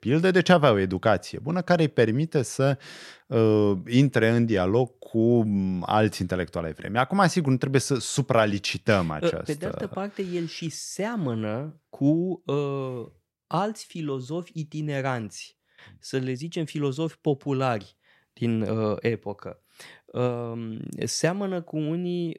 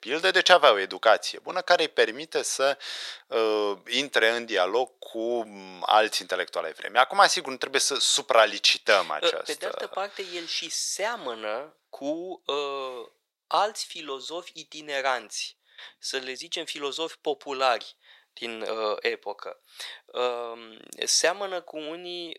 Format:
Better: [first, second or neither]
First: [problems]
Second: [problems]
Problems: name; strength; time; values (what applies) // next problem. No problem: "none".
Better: first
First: none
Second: thin; very; fading below 550 Hz